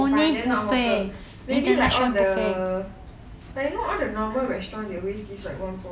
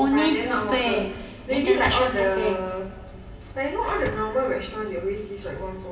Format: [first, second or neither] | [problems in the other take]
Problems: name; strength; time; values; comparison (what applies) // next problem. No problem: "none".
first | background sound (Slam); 18 dB below the speech // room echo; dies away in 2.5 s